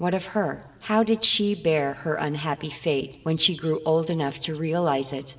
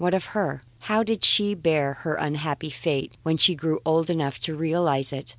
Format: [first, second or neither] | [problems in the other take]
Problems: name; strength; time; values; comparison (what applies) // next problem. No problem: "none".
second | room echo; dies away in 1.4 s